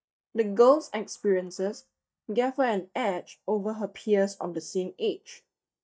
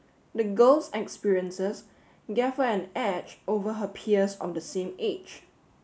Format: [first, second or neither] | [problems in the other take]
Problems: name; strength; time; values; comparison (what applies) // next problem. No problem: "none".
second | noise reduction (neural mask model DeepFilterNet 3)